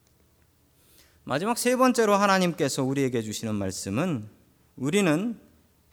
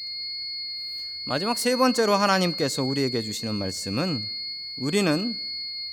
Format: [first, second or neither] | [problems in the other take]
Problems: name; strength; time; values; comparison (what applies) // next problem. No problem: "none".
first | high-pitched whine; loud; throughout; 4.5 kHz, 5 dB below the speech